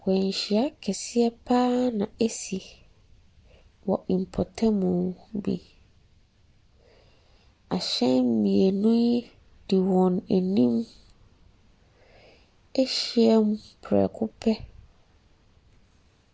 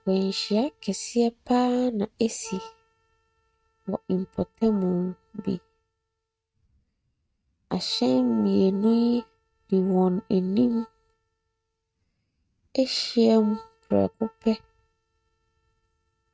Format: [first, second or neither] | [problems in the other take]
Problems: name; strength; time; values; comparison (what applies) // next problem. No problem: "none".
first | noise reduction (neural mask model RNNoise)